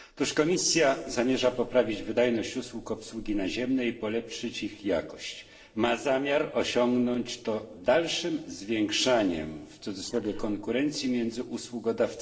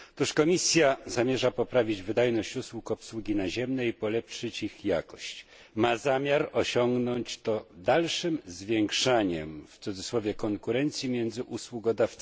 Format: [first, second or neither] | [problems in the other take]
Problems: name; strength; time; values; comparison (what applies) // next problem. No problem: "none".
second | noise reduction (neural separator model SepFormer DNS4)